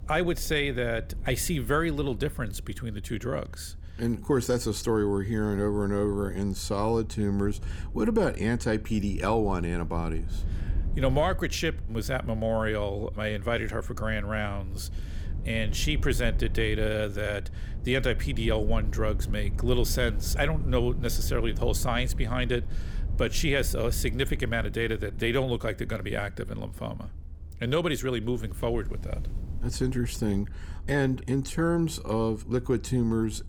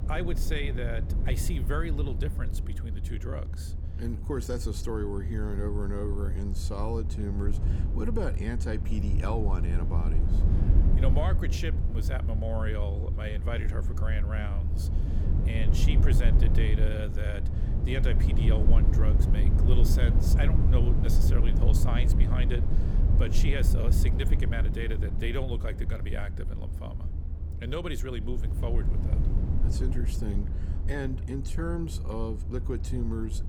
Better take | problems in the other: first | low rumble; loud; throughout; 5 dB below the speech; faint in the first

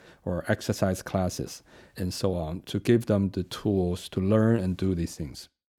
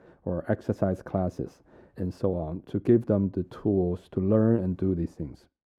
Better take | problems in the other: first | muffled; very; fading above 2 kHz

